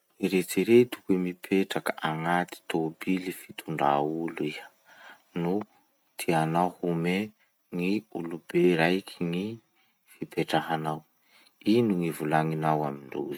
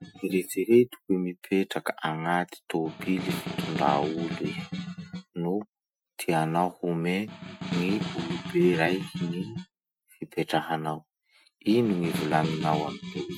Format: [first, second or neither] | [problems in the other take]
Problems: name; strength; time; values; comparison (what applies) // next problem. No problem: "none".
first | noise reduction (classical method Wiener filter)